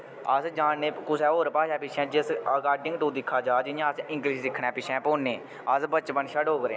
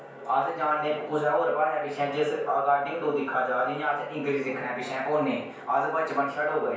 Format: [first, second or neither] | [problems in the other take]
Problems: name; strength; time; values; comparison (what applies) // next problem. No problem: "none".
first | room echo; dies away in 0.5 s